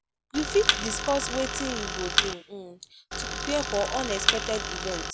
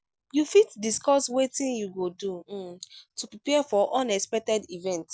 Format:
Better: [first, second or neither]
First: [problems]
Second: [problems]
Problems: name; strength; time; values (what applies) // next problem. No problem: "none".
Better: second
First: background sound (Tools + Thump, thud); 1 dB above the speech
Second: none